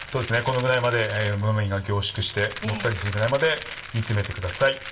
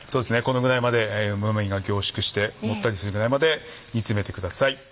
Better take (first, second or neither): second